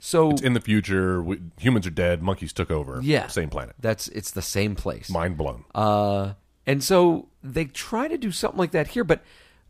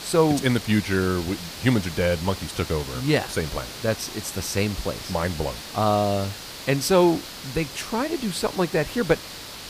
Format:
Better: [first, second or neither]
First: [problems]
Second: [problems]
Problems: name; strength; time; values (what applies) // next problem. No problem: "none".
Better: first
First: none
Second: hiss; noticeable; throughout; 10 dB below the speech